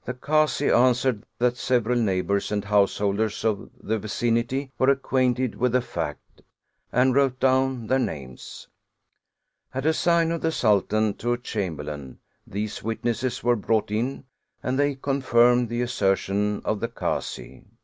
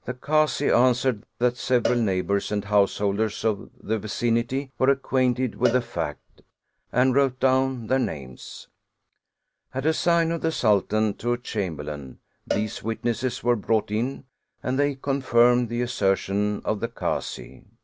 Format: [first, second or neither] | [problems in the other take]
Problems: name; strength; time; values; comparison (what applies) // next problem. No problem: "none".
first | background sound (Cowbell); 13 dB below the speech